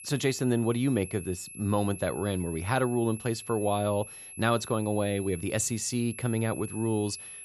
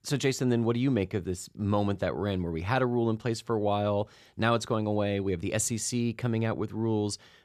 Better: second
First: high-pitched whine; noticeable; throughout; 11 kHz, 15 dB below the speech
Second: none

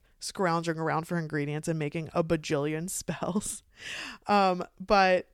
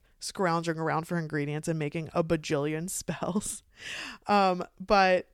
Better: neither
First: none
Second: none

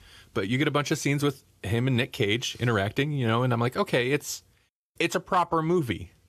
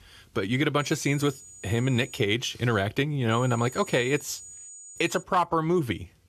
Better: first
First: none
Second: high-pitched whine; noticeable; from 1 to 2 s and from 3.5 to 5 s; 7 kHz, 15 dB below the speech

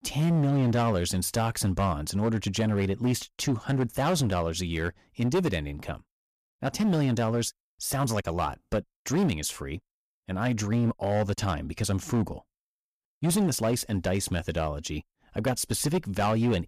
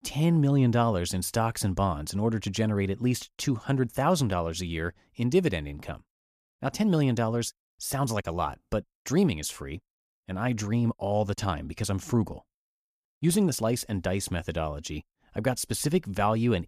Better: second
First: distortion; slight; 9% of the sound clipped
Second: none

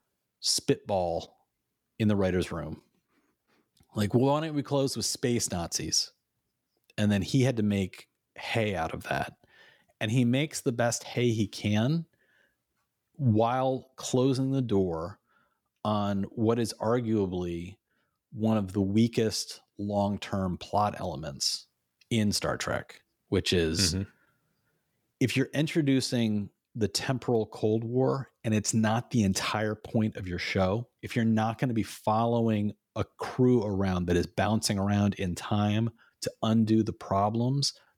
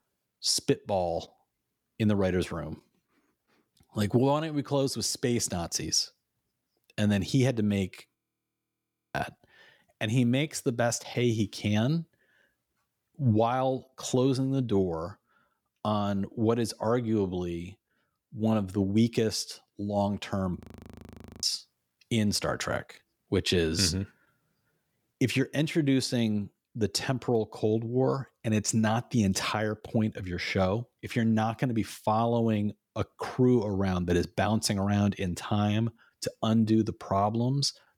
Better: first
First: none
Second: audio freezing; at 8 s for 1 s and at 21 s for 1 s

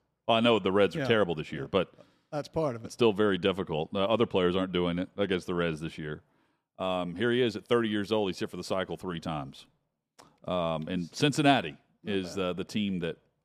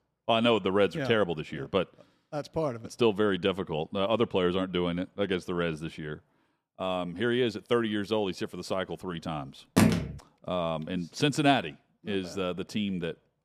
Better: first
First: none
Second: phone ringing; loud; at 10 s; peak 5 dB above the speech

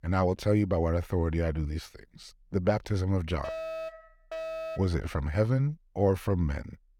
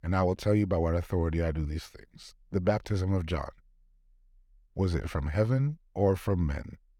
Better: second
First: alarm; noticeable; from 3.5 to 5 s; peak 7 dB below the speech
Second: none

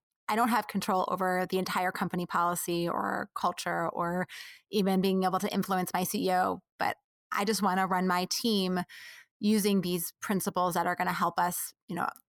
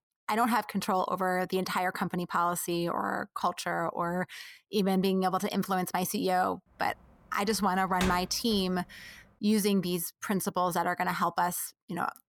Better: first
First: none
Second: door banging; noticeable; from 7.5 to 8.5 s; peak 5 dB below the speech

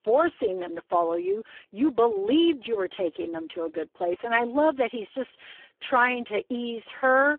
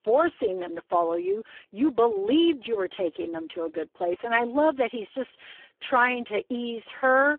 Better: neither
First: phone-call audio; poor line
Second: phone-call audio; poor line

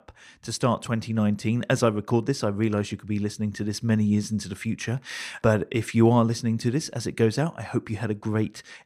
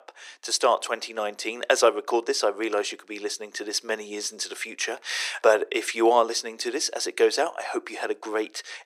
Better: first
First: none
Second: thin; very; fading below 350 Hz

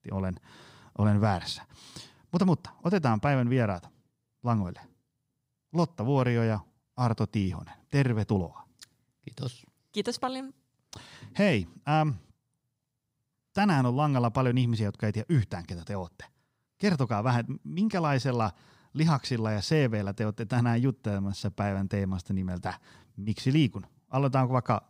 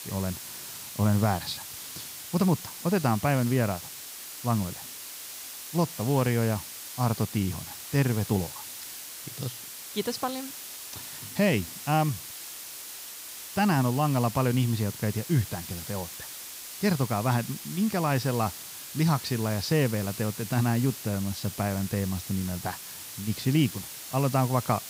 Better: first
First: none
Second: hiss; loud; throughout; 10 dB below the speech

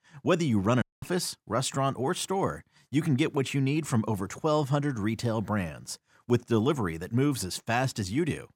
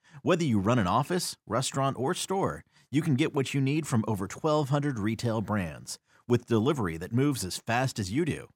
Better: second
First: audio cutting out; at 1 s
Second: none

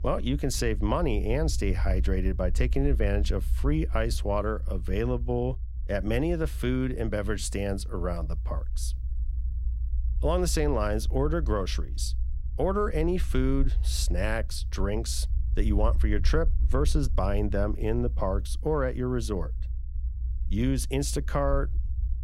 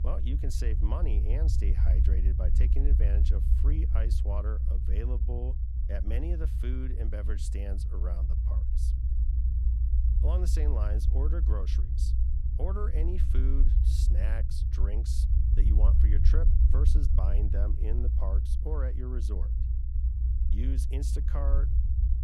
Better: first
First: low rumble; faint; throughout; 20 dB below the speech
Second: low rumble; loud; throughout; 3 dB below the speech

